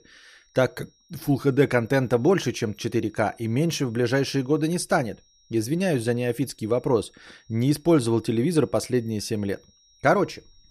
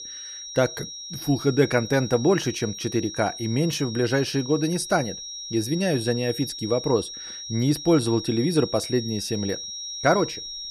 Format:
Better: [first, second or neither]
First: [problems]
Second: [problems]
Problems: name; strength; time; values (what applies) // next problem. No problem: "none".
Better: first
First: high-pitched whine; faint; throughout; 5.5 kHz, 35 dB below the speech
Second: high-pitched whine; loud; throughout; 5.5 kHz, 9 dB below the speech